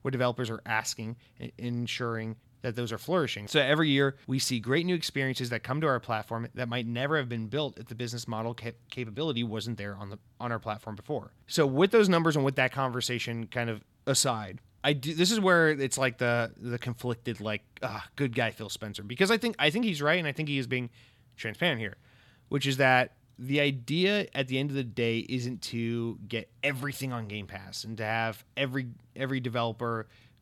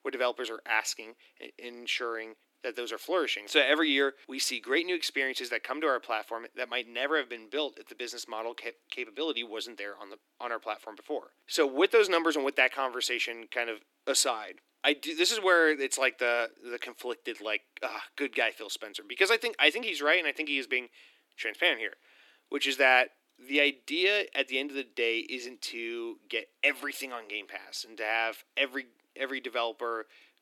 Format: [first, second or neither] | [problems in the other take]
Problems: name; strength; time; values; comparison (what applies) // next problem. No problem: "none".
first | thin; somewhat; fading below 300 Hz